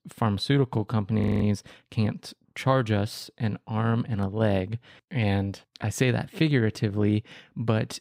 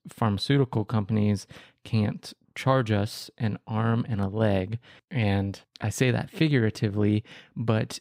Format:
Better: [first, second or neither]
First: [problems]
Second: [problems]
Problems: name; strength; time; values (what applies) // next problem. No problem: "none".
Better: second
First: audio freezing; at 1 s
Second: none